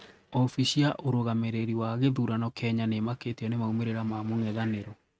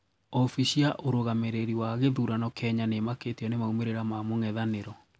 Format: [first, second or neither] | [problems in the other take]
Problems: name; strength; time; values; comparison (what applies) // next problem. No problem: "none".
second | noise reduction (neural mask model RNNoise)